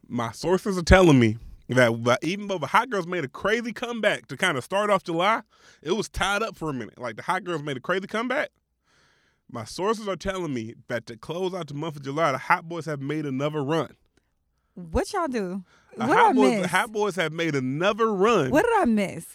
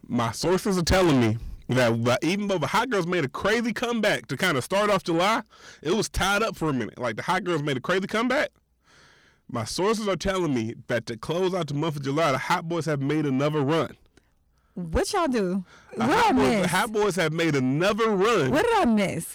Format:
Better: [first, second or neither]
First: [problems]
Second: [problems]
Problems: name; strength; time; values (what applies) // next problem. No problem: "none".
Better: first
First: none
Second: distortion; heavy; 6 dB below the speech